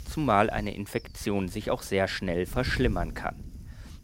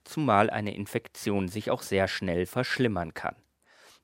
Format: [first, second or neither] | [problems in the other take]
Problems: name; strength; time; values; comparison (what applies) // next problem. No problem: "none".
second | wind noise on the microphone; occasional gusts; 25 dB below the speech